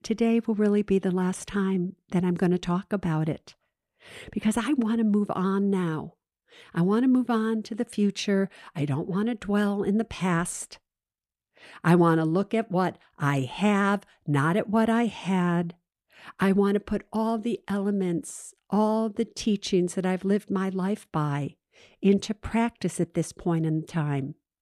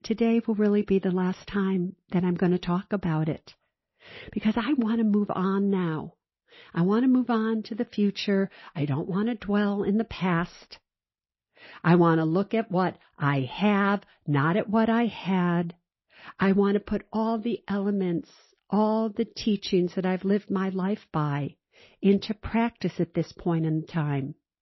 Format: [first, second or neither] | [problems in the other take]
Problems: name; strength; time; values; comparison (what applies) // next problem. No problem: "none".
first | garbled, watery; slightly; nothing above 5.5 kHz